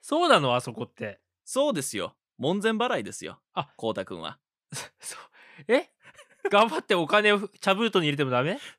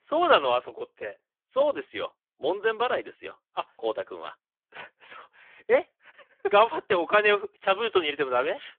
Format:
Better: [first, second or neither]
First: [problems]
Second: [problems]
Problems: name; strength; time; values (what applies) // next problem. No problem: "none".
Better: first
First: none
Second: phone-call audio; poor line; nothing above 3.5 kHz